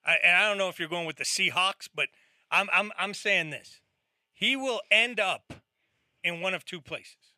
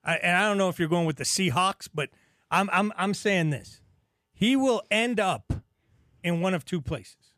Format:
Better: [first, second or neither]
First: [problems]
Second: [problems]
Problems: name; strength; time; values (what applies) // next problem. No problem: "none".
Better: second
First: thin; somewhat; fading below 550 Hz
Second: none